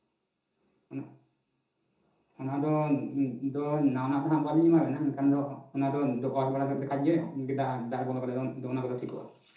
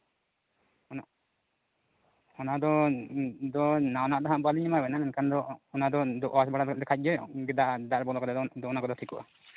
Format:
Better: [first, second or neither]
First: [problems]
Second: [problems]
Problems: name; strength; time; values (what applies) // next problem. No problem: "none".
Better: second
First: room echo; dies away in 0.6 s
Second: none